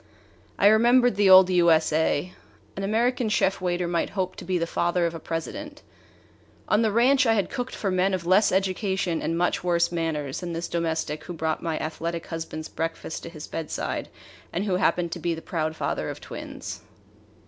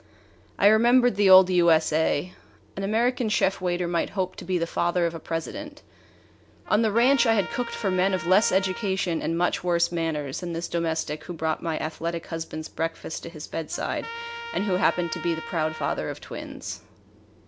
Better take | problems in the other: first | background sound (Trumpet); 13 dB below the speech

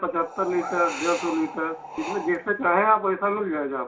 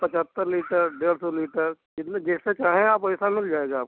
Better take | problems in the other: second | background sound (Wind); 11 dB below the speech // room echo; dies away in 0.3 s

